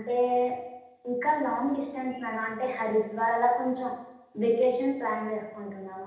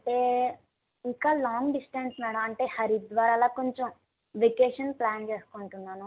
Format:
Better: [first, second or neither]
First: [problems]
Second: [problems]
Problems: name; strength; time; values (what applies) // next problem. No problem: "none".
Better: second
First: room echo; dies away in 0.8 s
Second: none